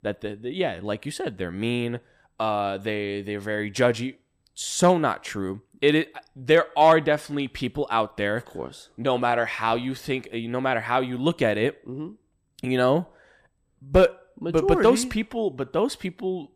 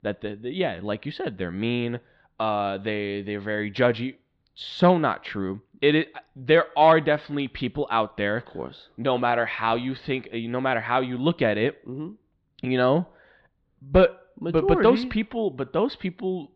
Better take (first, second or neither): first